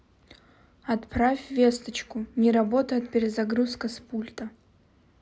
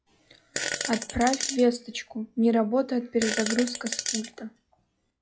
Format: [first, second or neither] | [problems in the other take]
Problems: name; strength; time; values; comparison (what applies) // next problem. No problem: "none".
first | noise reduction (classical method log-MMSE)